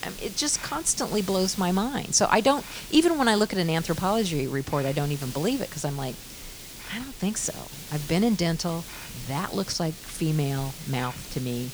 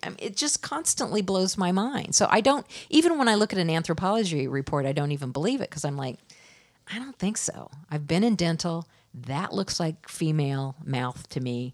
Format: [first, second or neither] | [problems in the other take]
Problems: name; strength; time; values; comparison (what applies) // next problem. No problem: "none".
second | hiss; noticeable; throughout; 15 dB below the speech